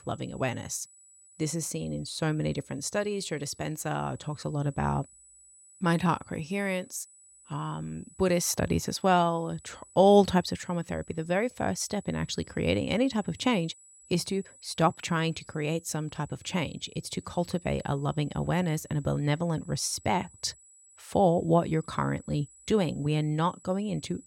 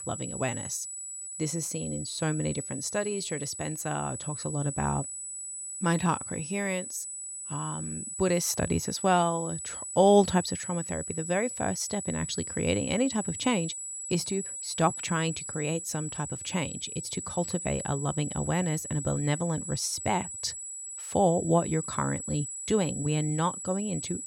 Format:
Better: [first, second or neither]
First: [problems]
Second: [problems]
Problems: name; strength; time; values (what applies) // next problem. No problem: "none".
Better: first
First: high-pitched whine; faint; throughout; 8 kHz, 25 dB below the speech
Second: high-pitched whine; loud; throughout; 8 kHz, 6 dB below the speech